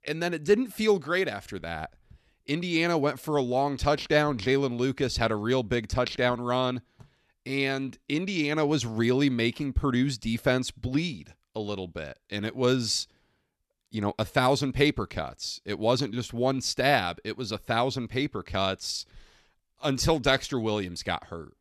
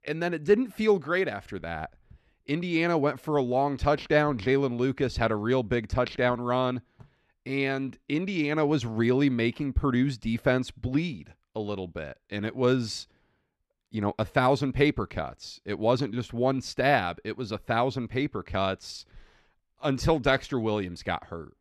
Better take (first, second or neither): first